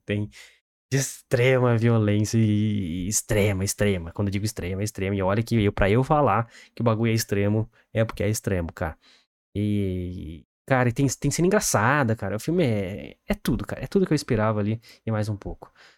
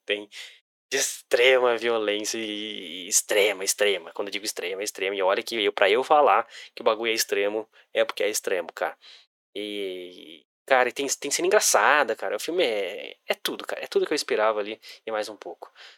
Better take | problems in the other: first | thin; very; fading below 400 Hz

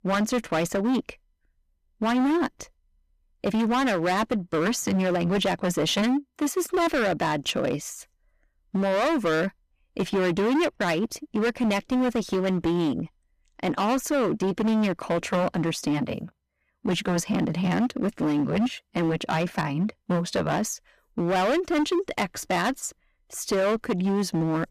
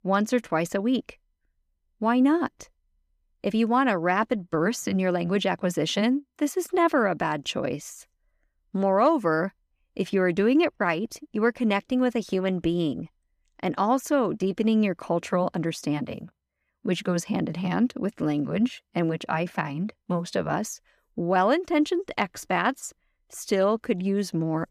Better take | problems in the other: second | distortion; heavy; 18% of the sound clipped

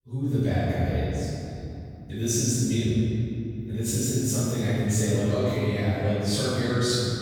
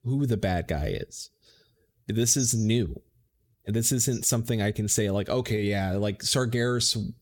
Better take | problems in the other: second | off-mic speech; far // room echo; strong; dies away in 2.9 s

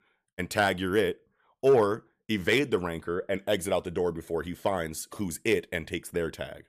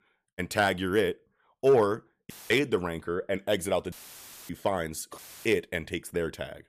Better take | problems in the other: first | audio cutting out; filled with static; at 2.5 s, at 4 s for 0.5 s and at 5 s

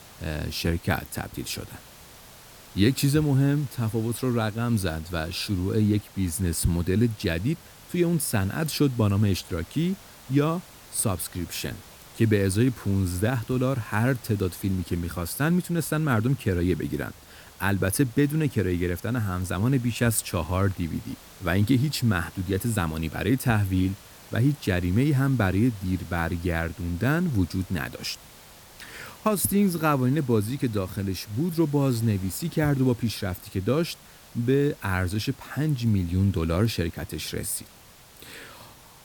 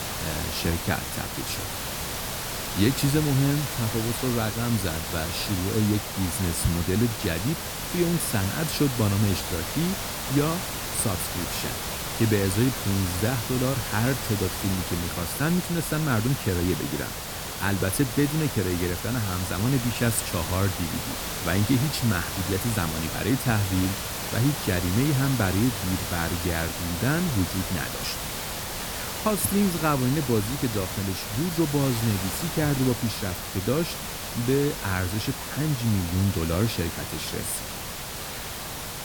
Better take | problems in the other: first | hiss; loud; throughout; 4 dB below the speech; faint in the first

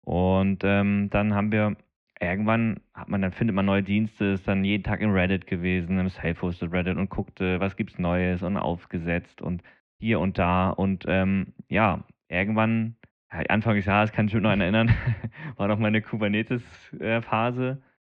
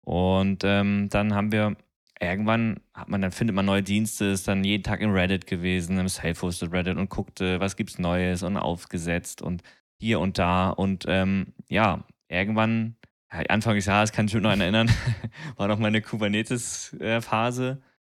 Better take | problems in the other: second | muffled; very; fading above 2.5 kHz

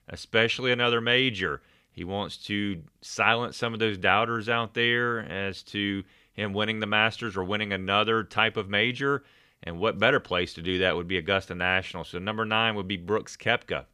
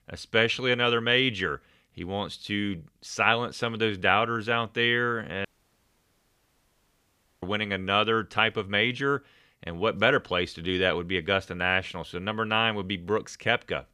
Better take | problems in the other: first | audio cutting out; at 5.5 s for 2 s

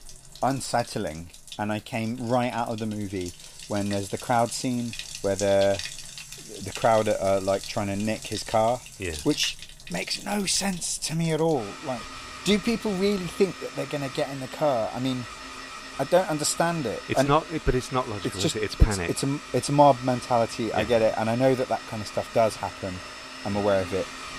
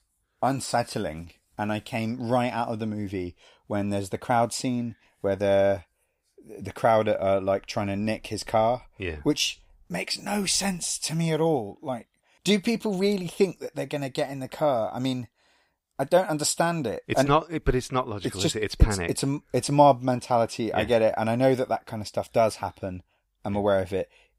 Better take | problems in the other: second | household noises; noticeable; throughout; 10 dB below the speech

